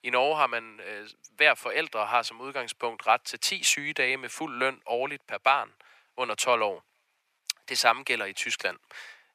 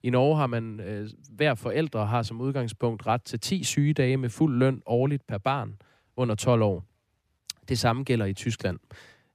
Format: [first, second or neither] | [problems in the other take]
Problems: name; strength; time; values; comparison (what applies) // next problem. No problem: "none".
second | thin; very; fading below 900 Hz